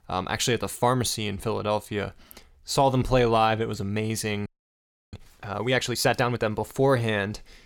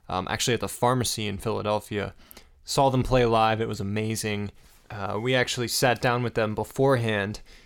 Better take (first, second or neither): second